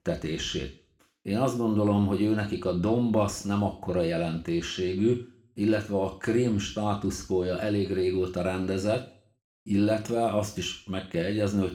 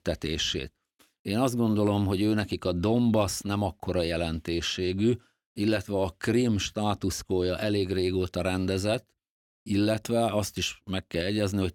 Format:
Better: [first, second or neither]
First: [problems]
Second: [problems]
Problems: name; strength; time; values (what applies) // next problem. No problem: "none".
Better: second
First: room echo; very slight; dies away in 0.4 s // off-mic speech; somewhat distant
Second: none